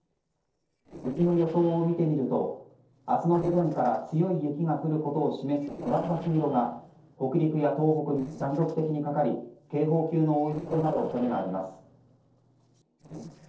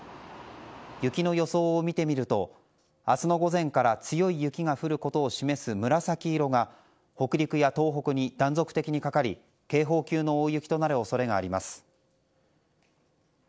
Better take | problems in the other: second | noise reduction (neural separator model SepFormer DNS4)

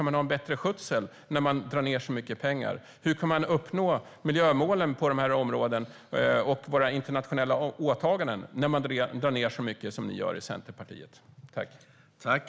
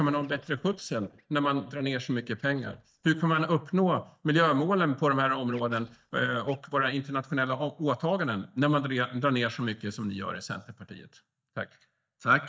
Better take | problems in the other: first | noise reduction (neural mask model DeepFilterNet 3)

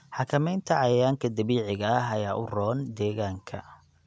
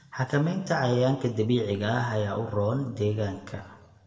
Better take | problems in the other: first | room echo; dies away in 0.9 s

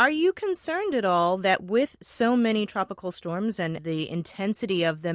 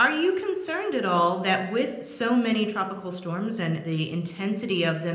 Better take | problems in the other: first | room echo; dies away in 0.9 s

